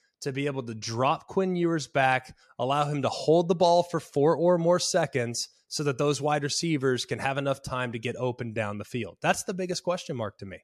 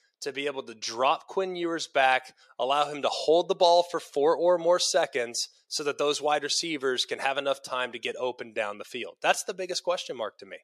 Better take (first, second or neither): first